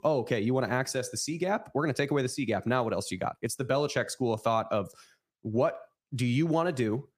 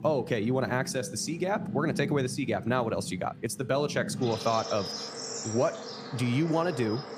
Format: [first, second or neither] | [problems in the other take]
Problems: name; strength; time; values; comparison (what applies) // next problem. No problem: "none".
first | animal sounds; loud; throughout; 8 dB below the speech